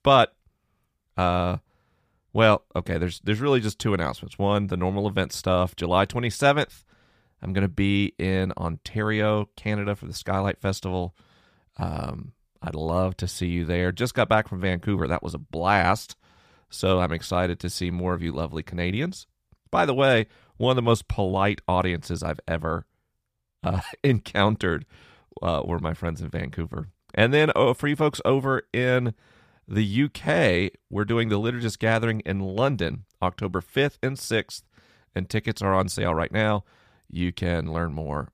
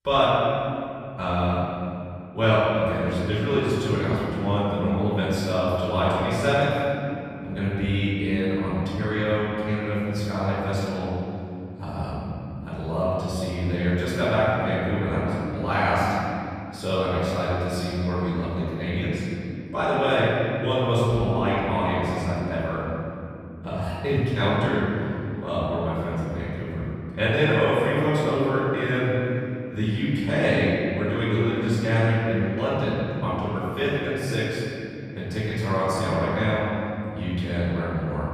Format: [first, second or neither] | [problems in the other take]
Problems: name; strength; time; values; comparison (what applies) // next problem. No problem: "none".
first | off-mic speech; far // room echo; strong; dies away in 2.9 s